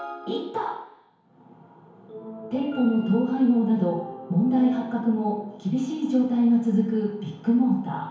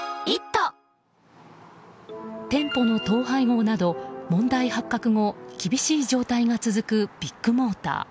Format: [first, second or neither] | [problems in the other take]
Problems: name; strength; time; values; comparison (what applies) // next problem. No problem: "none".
second | room echo; dies away in 1 s